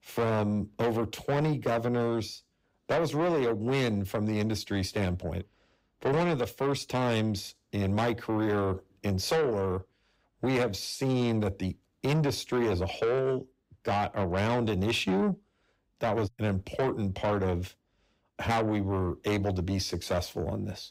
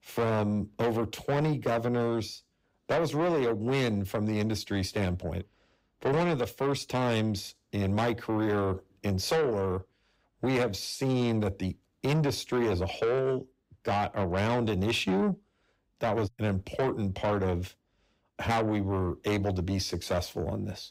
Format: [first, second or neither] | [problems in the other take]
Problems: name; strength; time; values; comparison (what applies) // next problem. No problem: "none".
neither | distortion; heavy; 7 dB below the speech; the same in both